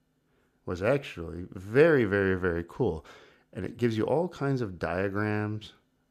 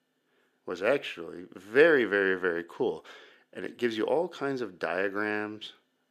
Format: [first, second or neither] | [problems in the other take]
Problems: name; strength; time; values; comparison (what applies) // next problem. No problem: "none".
first | thin; somewhat; fading below 350 Hz